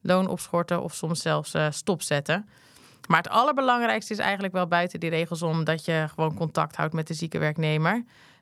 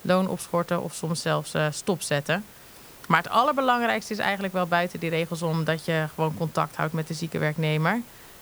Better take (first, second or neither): first